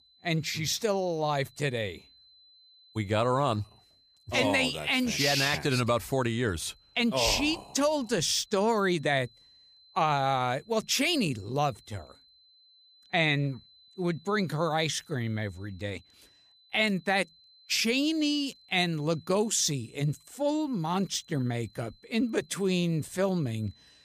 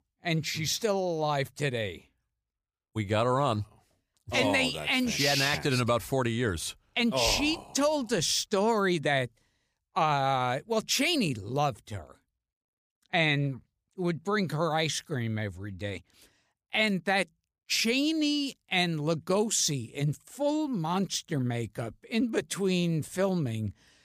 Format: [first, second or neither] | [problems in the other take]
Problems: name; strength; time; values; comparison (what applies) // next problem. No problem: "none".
second | high-pitched whine; faint; throughout; 4 kHz, 30 dB below the speech